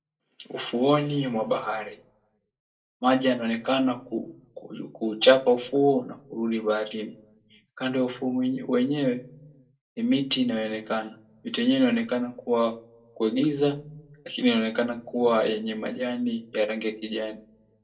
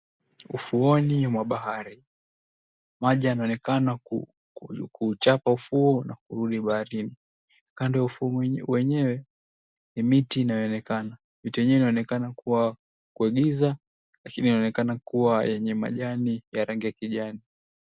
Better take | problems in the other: second | room echo; dies away in 0.2 s

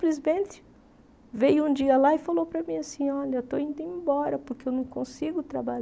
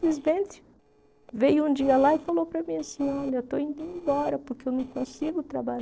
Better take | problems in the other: first | noise reduction (neural separator model SepFormer DNS4)

